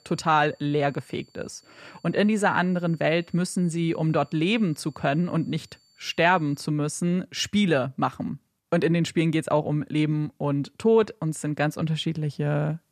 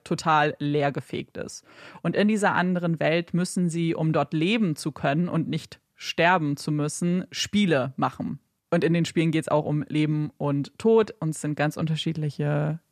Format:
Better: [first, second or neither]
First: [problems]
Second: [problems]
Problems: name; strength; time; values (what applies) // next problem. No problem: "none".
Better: second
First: high-pitched whine; faint; until 6.5 s; 4.5 kHz, 35 dB below the speech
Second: none